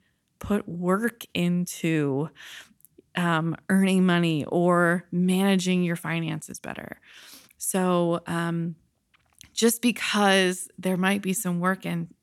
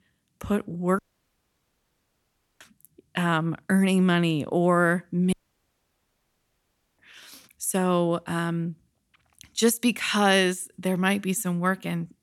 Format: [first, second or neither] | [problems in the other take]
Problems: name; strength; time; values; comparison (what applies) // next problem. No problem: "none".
first | audio cutting out; at 1 s for 1.5 s and at 5.5 s for 1.5 s